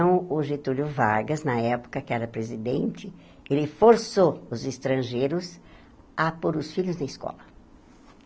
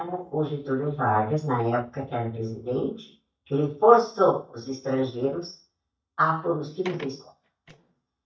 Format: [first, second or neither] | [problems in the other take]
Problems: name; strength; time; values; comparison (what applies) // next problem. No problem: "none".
first | noise reduction (neural mask model DeepFilterNet 3)